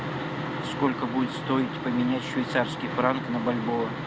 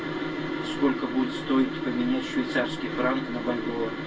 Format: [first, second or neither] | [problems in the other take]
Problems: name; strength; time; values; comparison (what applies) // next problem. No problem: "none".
first | room echo; dies away in 0.2 s